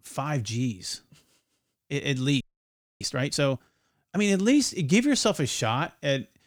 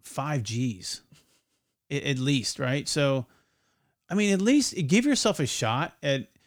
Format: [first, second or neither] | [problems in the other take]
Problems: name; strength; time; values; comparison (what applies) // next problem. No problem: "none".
second | audio freezing; at 2.5 s for 0.5 s